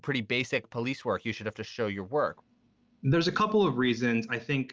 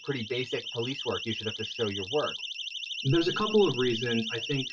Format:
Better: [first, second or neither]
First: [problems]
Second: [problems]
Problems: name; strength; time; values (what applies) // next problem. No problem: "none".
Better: first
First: none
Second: noise reduction (classical method WPE with log-MMSE)